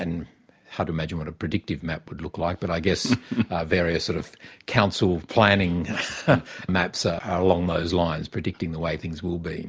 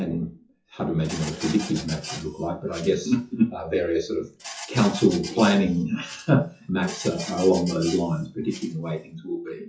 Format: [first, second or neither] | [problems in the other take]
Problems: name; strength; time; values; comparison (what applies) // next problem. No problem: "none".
first | noise reduction (classical method WPE with log-MMSE)